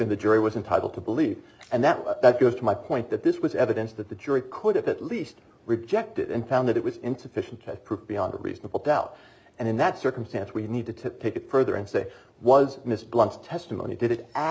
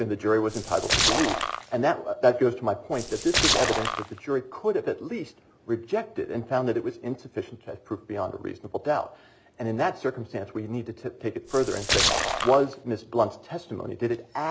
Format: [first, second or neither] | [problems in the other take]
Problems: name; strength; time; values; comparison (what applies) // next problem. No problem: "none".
first | background sound (Splash, splatter); 1 dB above the speech